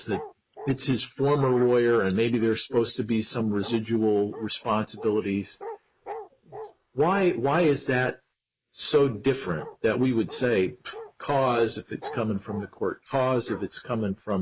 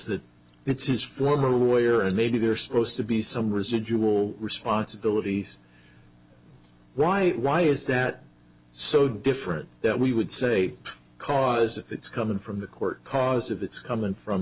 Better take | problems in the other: second | noise reduction (neural mask model Resemble Enhance denoiser)

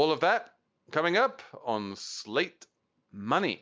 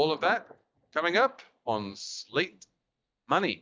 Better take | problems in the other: first | noise reduction (neural mask model DeepFilterNet 3)

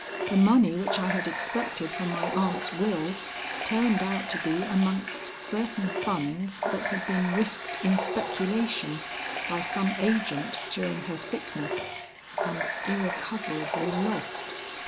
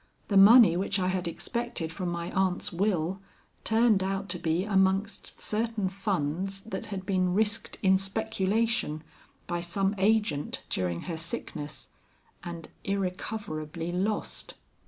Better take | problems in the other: second | background sound (Water tap, faucet); 5 dB below the speech

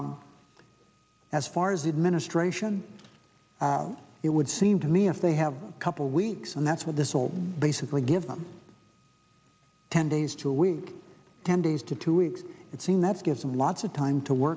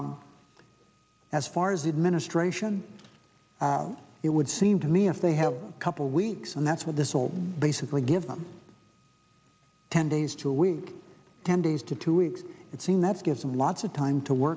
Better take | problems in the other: first | background sound (Cowbell); 11 dB below the speech

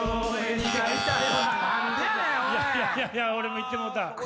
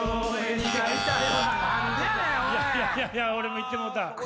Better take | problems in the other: first | background sound (Car); 16 dB below the speech

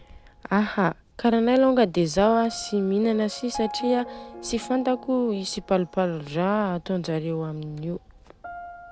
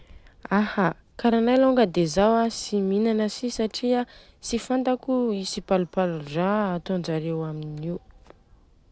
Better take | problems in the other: second | background sound (Piano); 18 dB below the speech

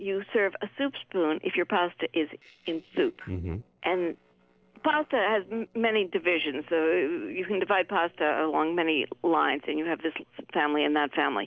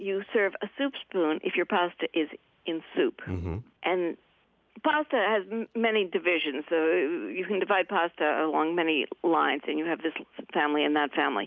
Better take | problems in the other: second | noise reduction (neural separator model SepFormer DNS4)

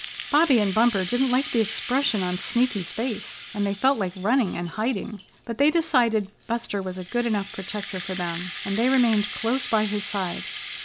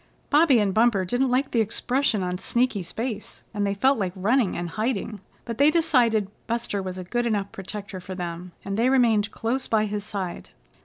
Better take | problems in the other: second | background sound (Rattle (instrument)); 12 dB below the speech

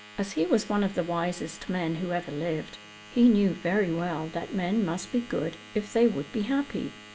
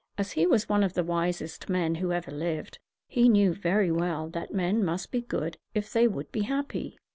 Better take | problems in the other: second | background sound (Domestic sounds, home sounds); 20 dB below the speech // room echo; dies away in 0.4 s

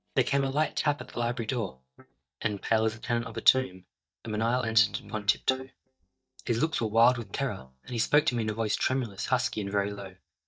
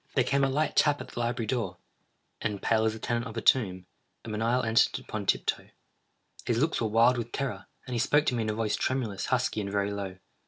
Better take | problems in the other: second | noise reduction (neural mask model DeepFilterNet 3)

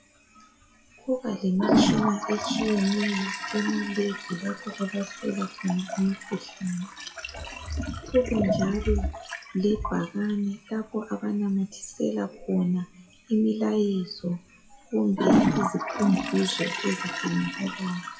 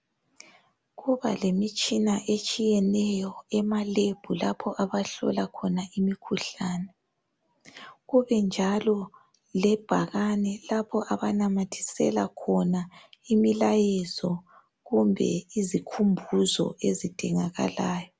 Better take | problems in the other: second | noise reduction (classical method WPE with log-MMSE)

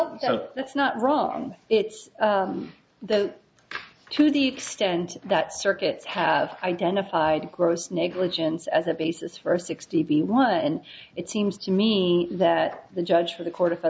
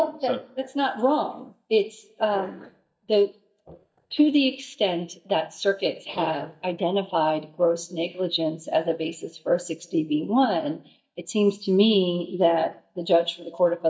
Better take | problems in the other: first | noise reduction (neural mask model DeepFilterNet 3)

